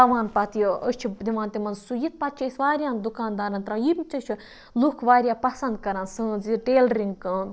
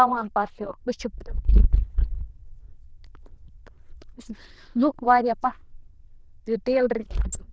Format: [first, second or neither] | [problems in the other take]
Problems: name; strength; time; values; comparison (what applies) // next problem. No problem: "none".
first | noise reduction (neural diffusion model UNIVERSE++)